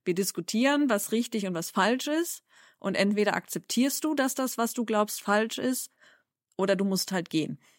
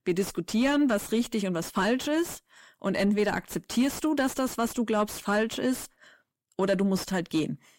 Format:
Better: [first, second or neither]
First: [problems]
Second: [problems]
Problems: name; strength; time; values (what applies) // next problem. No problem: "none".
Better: first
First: none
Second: distortion; slight; 10 dB below the speech